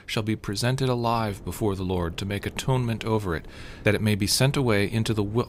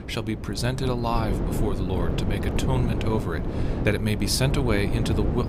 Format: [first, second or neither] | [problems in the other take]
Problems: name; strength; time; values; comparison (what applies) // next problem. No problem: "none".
first | wind noise on the microphone; heavy; 5 dB below the speech; occasional gusts in the first